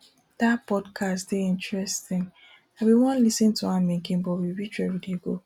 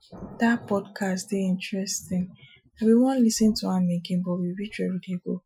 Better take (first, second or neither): first